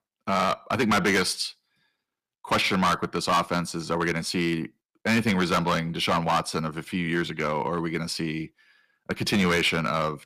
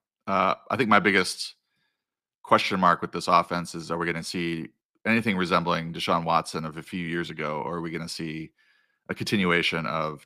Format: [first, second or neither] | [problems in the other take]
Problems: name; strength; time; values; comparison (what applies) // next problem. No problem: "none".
second | distortion; heavy; 7% of the sound clipped